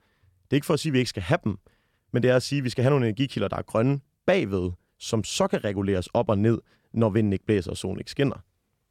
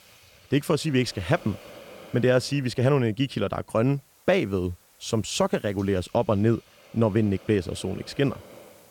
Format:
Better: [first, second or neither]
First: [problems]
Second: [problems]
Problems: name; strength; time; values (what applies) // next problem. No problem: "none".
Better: first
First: none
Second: hiss; faint; throughout; 25 dB below the speech